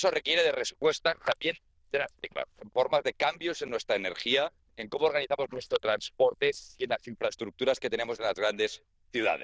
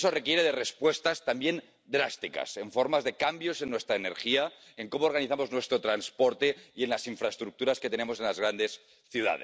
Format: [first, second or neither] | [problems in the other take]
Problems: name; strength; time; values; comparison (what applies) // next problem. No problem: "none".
second | noise reduction (neural diffusion model UNIVERSE++)